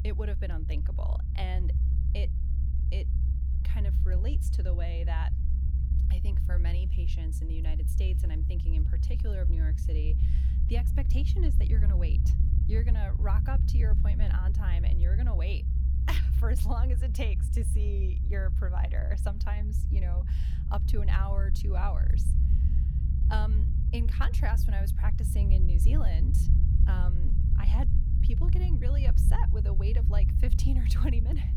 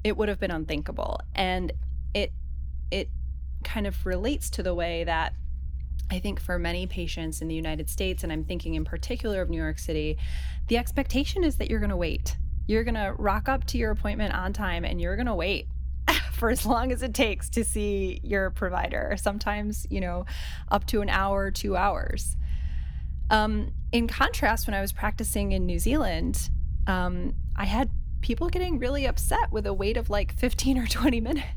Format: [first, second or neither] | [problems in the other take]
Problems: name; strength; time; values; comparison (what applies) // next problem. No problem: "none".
second | low rumble; loud; throughout; 4 dB below the speech; faint in the second